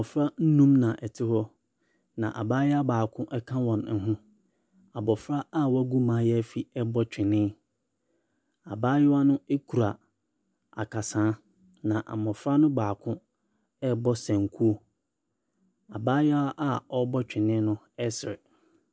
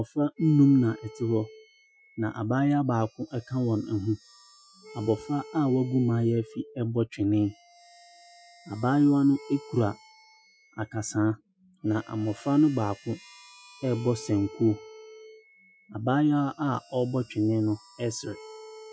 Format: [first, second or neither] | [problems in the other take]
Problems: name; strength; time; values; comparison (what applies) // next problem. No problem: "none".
first | noise reduction (classical method Wiener filter)